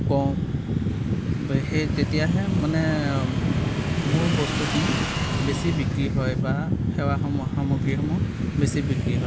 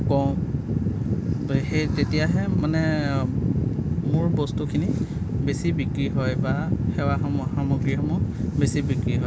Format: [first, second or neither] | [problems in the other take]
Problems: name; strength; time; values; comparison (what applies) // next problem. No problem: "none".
second | background sound (Motorcycle / Engine); 10 dB below the speech